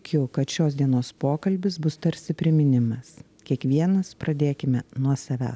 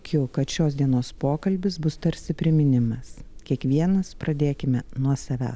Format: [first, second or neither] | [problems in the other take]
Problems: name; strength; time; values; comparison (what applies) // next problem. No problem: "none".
first | background sound (Mechanical fan); 17 dB below the speech